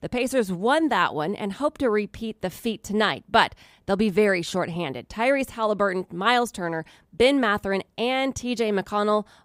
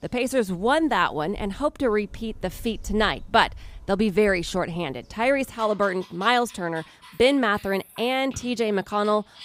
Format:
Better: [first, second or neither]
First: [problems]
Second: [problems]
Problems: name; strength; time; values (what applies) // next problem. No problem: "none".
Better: first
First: none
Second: animal sounds; faint; throughout; 20 dB below the speech